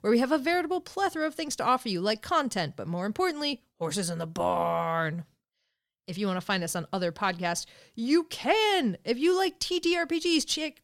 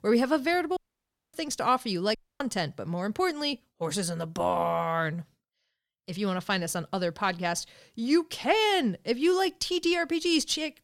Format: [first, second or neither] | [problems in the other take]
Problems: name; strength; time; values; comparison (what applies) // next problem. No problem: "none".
first | audio cutting out; at 1 s for 0.5 s and at 2 s